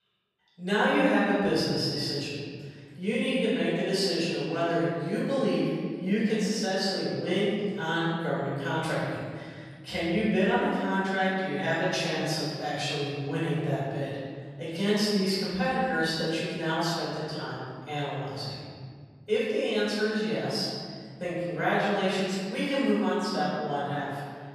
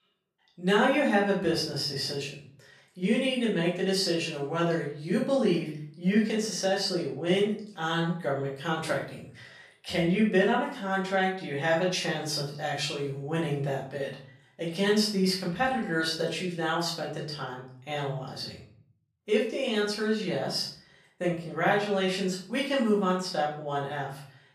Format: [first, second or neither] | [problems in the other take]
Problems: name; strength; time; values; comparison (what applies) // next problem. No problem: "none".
second | room echo; strong; dies away in 2.1 s; slight in the second // off-mic speech; far; far in the second